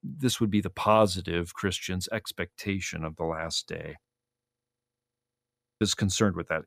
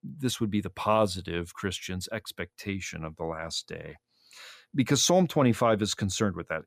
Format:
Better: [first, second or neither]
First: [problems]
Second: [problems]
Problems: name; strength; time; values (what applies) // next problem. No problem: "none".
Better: second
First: audio freezing; at 4 s for 2 s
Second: none